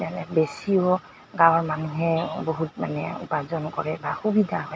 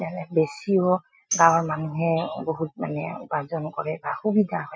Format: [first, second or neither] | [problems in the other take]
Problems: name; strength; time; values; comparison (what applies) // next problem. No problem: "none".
first | noise reduction (classical method Wiener filter)